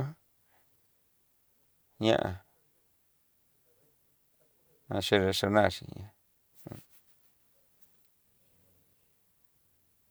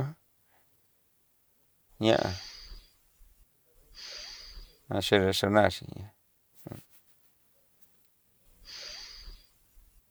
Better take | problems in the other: first | background sound (Respiratory sounds); 14 dB below the speech

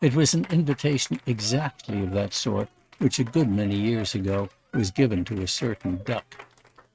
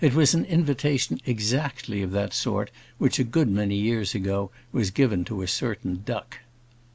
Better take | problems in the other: second | noise reduction (neural mask model RNNoise)

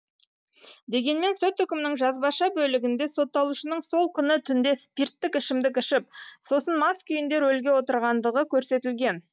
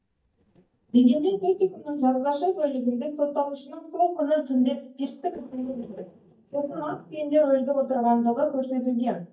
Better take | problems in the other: first | noise reduction (neural mask model DeepFilterNet 3)

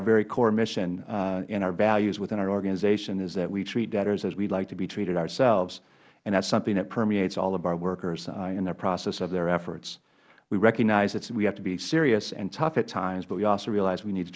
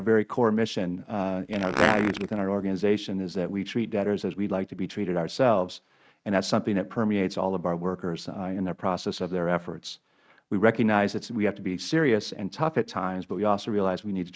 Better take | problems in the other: first | noise reduction (neural mask model RNNoise)

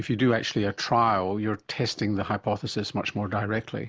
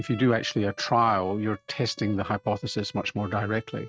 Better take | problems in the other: first | noise reduction (neural mask model RNNoise)

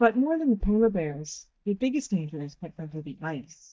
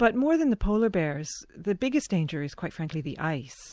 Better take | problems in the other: second | noise reduction (neural mask model DeepFilterNet 3)

